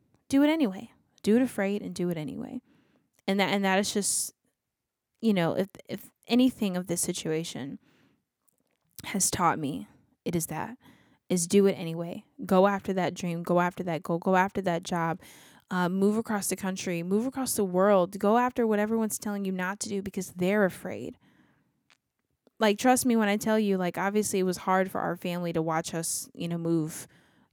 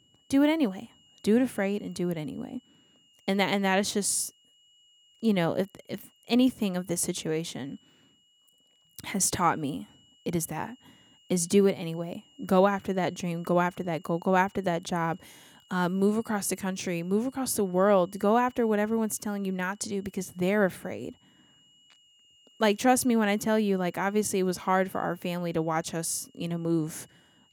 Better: first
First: none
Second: high-pitched whine; faint; throughout; 3 kHz, 30 dB below the speech

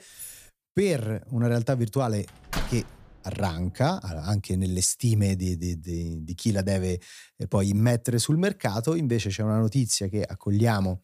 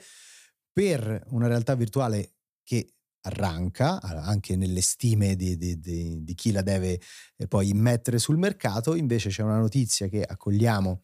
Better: second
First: jangling keys; faint; at the start; peak 15 dB below the speech // door banging; noticeable; at 2.5 s; peak 7 dB below the speech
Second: none

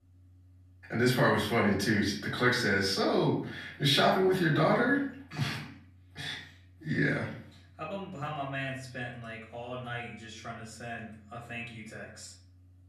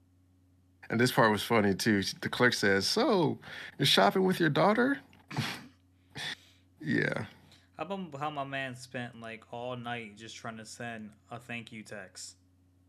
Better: second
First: off-mic speech; far // room echo; slight; dies away in 0.5 s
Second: none

